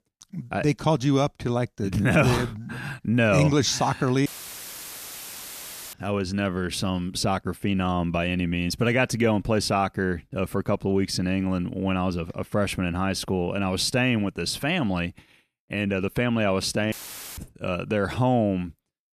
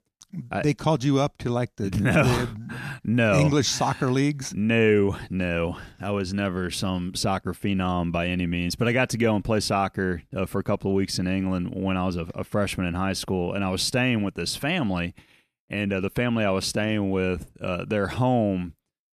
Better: second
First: audio cutting out; filled with static; at 4.5 s for 1.5 s and at 17 s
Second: none

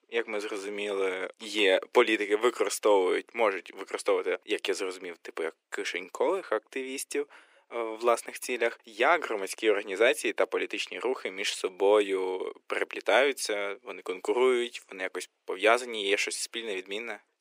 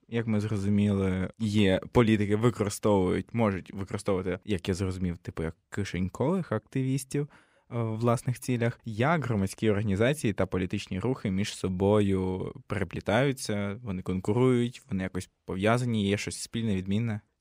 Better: second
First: thin; very; fading below 350 Hz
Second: none

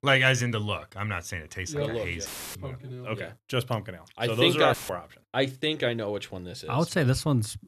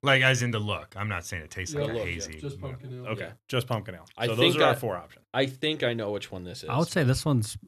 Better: second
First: audio cutting out; filled with static; at 2.5 s and at 4.5 s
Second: none

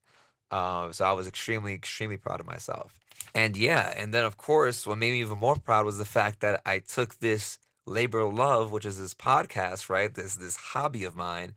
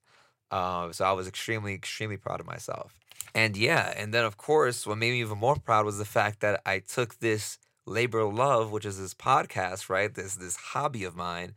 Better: second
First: garbled, watery; slightly; nothing above 16 kHz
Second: none

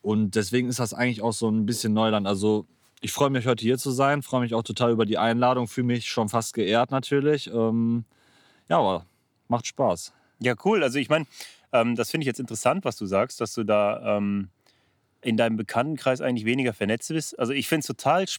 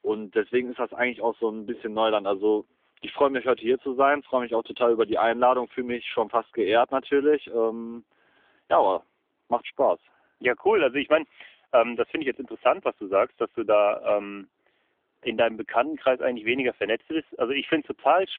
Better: first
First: none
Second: phone-call audio; nothing above 3.5 kHz

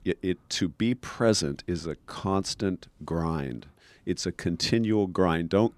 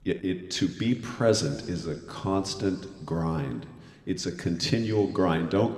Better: first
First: none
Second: room echo; very slight; dies away in 1.7 s

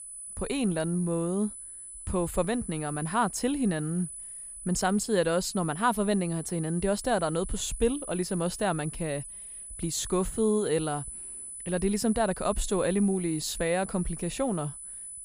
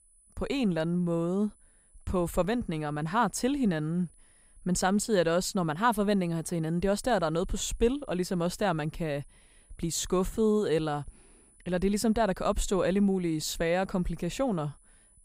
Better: second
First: high-pitched whine; loud; throughout; 10 kHz, 10 dB below the speech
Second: high-pitched whine; faint; throughout; 10 kHz, 30 dB below the speech

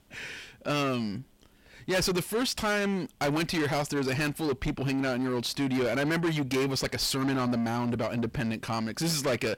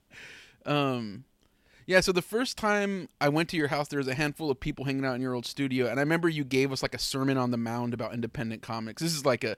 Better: second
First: distortion; heavy; 6 dB below the speech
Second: none

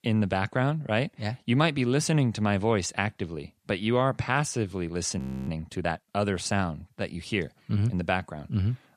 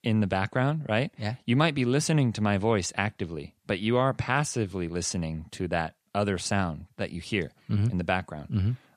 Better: second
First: audio freezing; at 5 s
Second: none

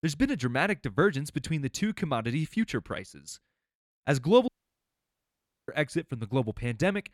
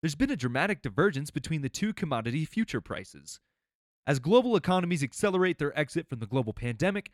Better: second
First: audio cutting out; at 4.5 s for 1 s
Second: none

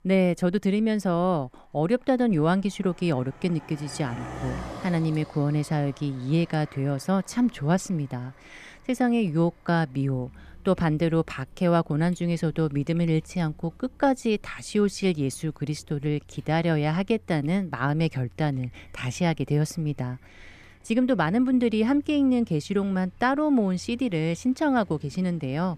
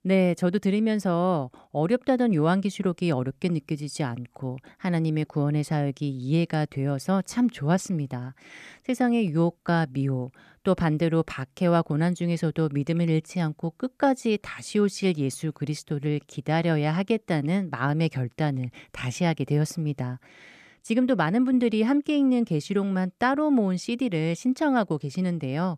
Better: second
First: traffic noise; faint; throughout; 20 dB below the speech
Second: none

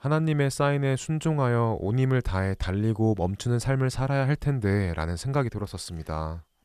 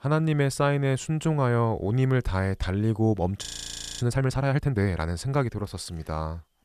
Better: first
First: none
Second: audio freezing; at 3.5 s for 0.5 s

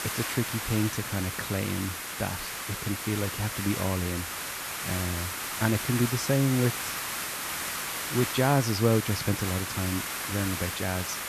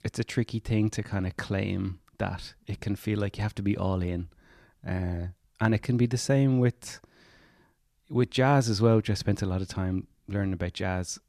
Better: second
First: hiss; loud; throughout; 2 dB below the speech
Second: none

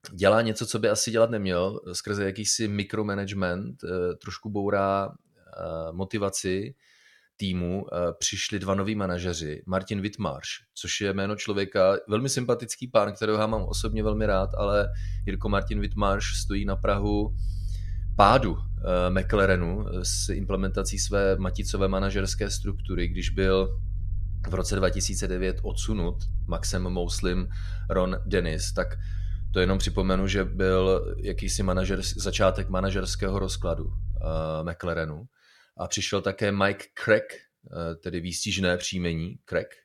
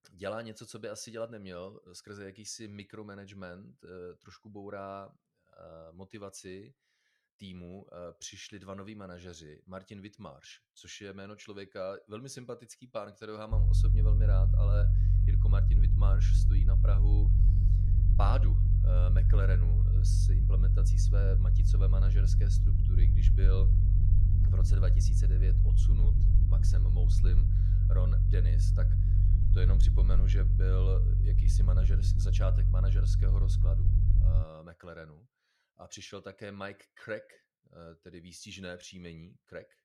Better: first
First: low rumble; faint; from 14 to 34 s; 25 dB below the speech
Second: low rumble; loud; from 14 to 34 s; as loud as the speech

